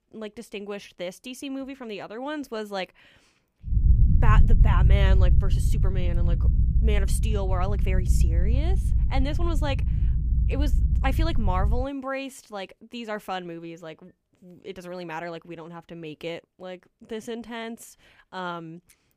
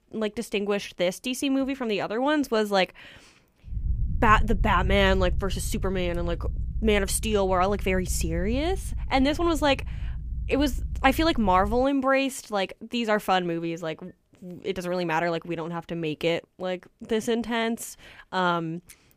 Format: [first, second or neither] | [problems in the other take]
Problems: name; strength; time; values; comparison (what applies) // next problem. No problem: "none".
second | low rumble; loud; from 3.5 to 12 s; 7 dB below the speech; faint in the second